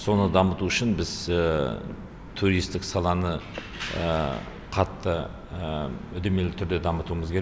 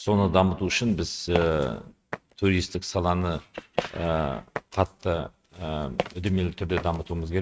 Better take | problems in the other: first | noise reduction (neural mask model RNNoise)

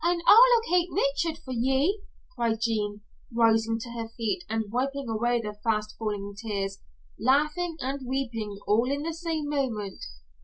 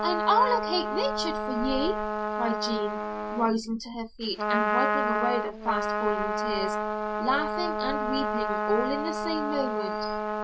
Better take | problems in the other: first | background sound (Trumpet); 1 dB above the speech

